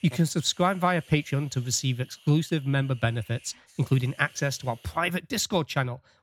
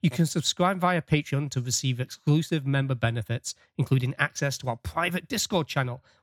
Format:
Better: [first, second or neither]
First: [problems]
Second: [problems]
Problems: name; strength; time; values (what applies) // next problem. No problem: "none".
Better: second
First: hiss; faint; until 5 s; 25 dB below the speech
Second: none